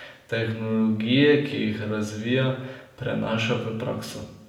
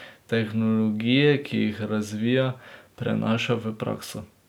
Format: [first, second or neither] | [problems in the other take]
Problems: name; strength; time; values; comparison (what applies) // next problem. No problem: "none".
second | room echo; dies away in 0.8 s